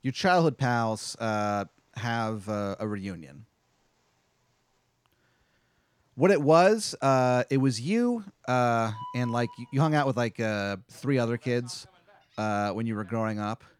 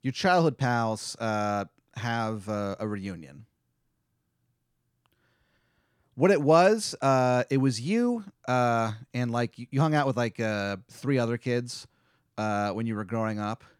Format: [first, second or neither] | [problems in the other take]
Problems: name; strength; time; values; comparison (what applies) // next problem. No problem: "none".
second | animal sounds; faint; throughout; 20 dB below the speech